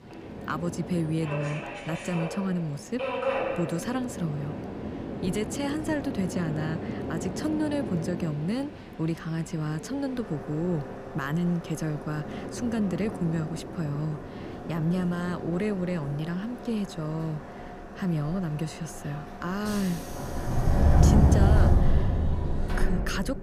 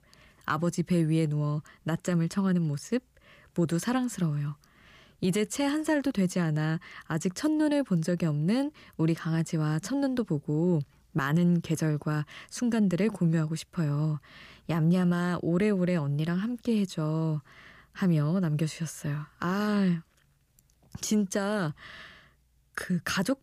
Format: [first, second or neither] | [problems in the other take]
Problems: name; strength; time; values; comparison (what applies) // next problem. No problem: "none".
second | train or aircraft noise; very loud; throughout; 1 dB above the speech